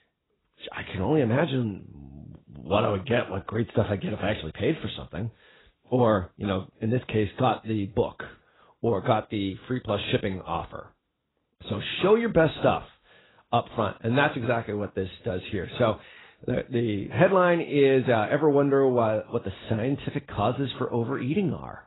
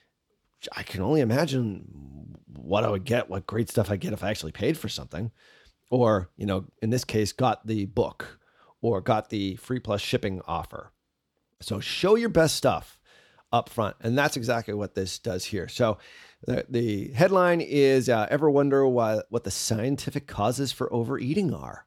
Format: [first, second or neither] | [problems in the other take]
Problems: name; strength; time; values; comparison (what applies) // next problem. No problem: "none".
second | garbled, watery; badly; nothing above 4 kHz